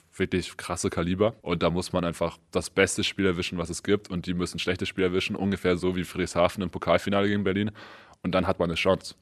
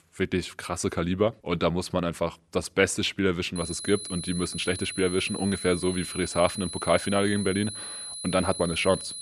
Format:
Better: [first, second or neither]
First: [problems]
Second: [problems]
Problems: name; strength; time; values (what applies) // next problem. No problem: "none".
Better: first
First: none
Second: high-pitched whine; loud; from 3.5 s on; 10 kHz, 8 dB below the speech